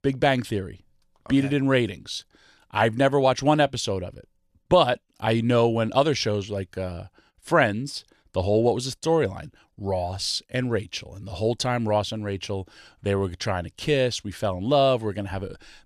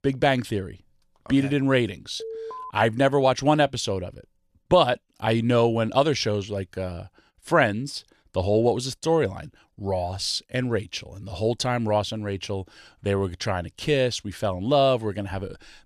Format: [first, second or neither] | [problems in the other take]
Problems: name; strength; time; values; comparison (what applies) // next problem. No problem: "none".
first | alarm; faint; at 2 s; peak 10 dB below the speech